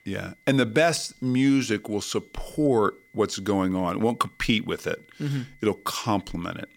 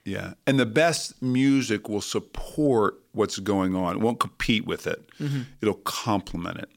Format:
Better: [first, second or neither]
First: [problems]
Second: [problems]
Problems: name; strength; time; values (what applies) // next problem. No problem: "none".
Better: second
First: high-pitched whine; faint; throughout; 2 kHz, 30 dB below the speech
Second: none